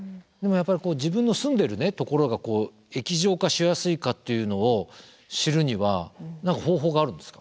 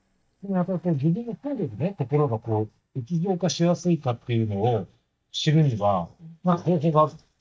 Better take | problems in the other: first | noise reduction (neural mask model DeepFilterNet 3)

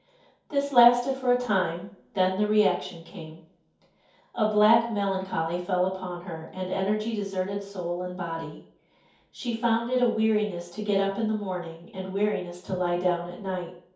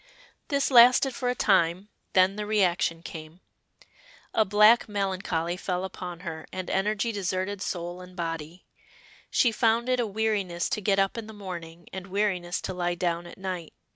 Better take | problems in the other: second | room echo; dies away in 0.6 s

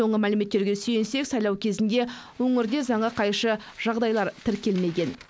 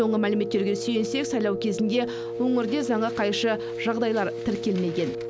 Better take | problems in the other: first | background sound (Wind instrument, woodwind instrument); 6 dB below the speech

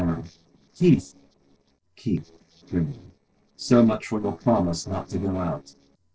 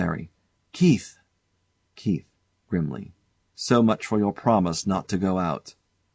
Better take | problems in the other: second | noise reduction (neural separator model SepFormer DNS4)

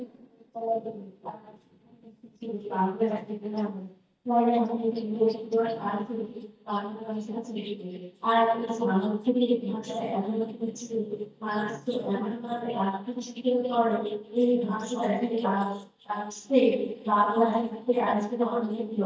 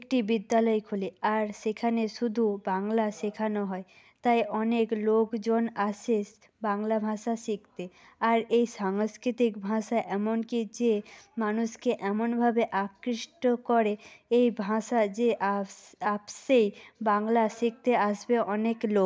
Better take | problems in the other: second | noise reduction (neural mask model DeepFilterNet 3)

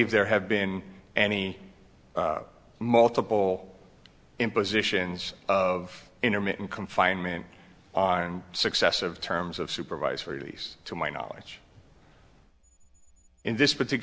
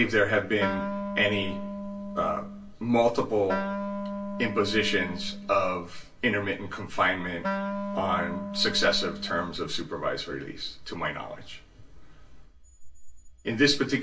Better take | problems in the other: first | background sound (Wind instrument, woodwind instrument); 6 dB below the speech // room echo; dies away in 0.2 s

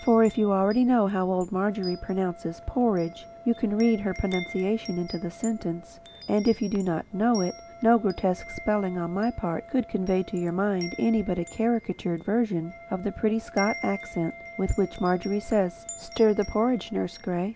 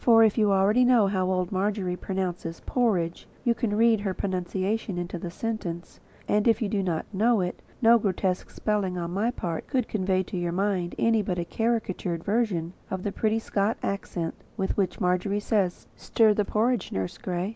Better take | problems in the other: second | background sound (Wind chime + Wind instrument, woodwind instrument); 17 dB below the speech

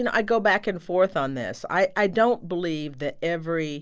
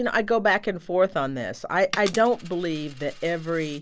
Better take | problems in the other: first | background sound (Coin (dropping)); 18 dB below the speech

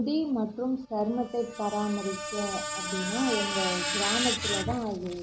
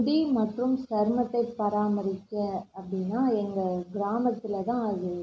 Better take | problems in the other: second | background sound (Screech); 3 dB below the speech

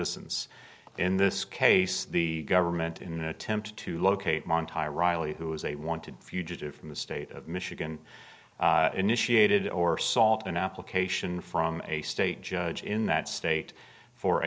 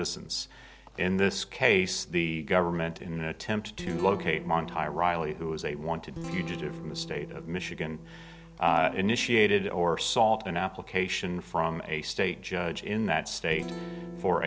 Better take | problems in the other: first | background sound (Guitar); 14 dB below the speech

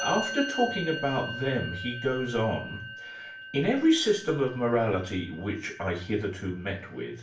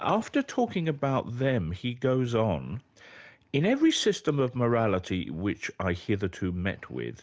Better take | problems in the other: second | background sound (Musical instrument); 11 dB below the speech // room echo; dies away in 0.4 s

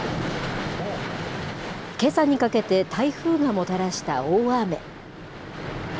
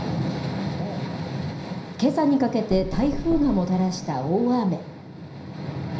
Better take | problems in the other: first | background sound (Knock); 9 dB below the speech // room echo; dies away in 0.5 s

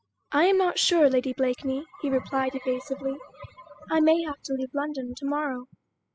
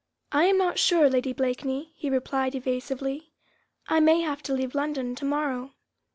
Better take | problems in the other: second | noise reduction (classical method spectral subtraction)

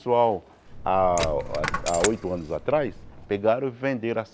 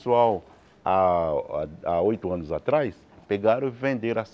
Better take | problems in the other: second | background sound (Coin (dropping)); 7 dB below the speech

